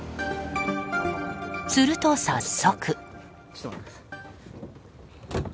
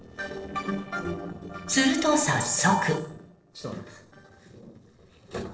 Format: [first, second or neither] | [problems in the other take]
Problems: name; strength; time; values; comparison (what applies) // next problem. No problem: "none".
first | noise reduction (neural separator model SepFormer DNS4)